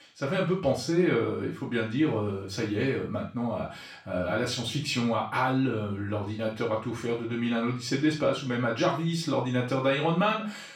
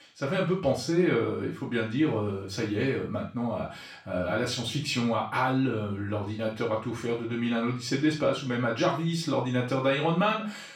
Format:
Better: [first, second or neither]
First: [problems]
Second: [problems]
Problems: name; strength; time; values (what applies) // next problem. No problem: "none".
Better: neither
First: room echo; noticeable; dies away in 0.3 s // off-mic speech; far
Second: room echo; noticeable; dies away in 0.3 s // off-mic speech; far